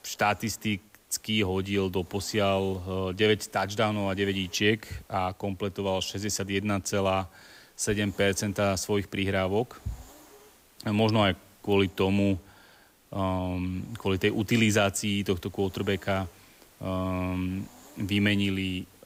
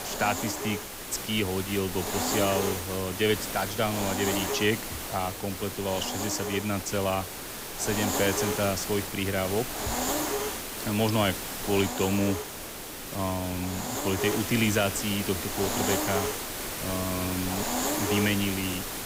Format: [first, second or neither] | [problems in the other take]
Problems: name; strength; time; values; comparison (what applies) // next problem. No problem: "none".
first | hiss; loud; throughout; 2 dB below the speech; faint in the first